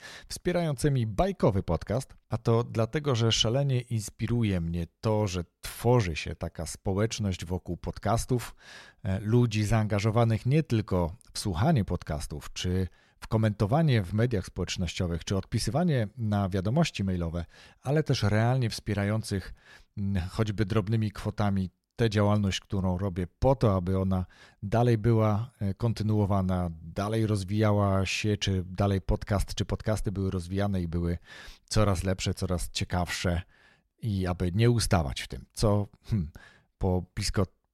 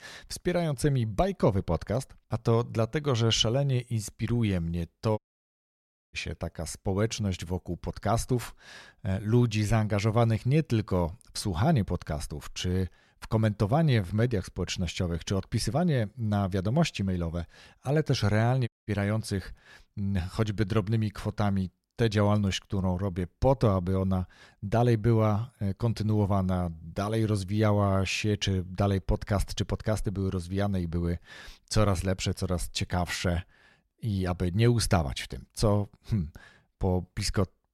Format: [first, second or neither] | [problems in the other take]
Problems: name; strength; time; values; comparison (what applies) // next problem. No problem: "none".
first | audio cutting out; at 5 s for 1 s and at 19 s